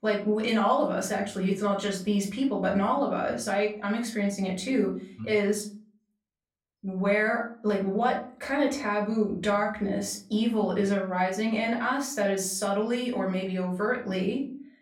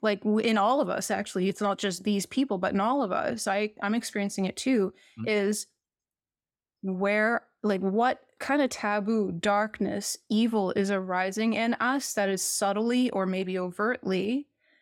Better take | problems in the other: second | off-mic speech; far // room echo; slight; dies away in 0.4 s

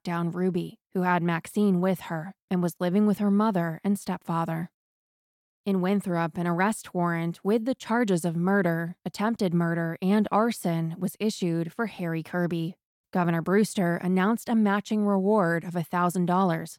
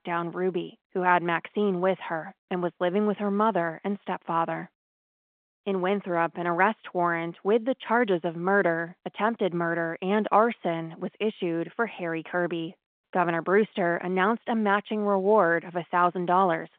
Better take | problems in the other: first | phone-call audio

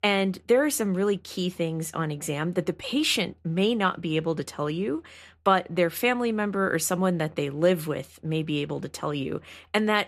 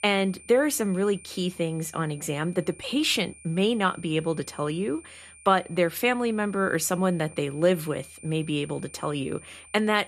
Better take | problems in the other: first | high-pitched whine; faint; throughout; 9 kHz, 20 dB below the speech

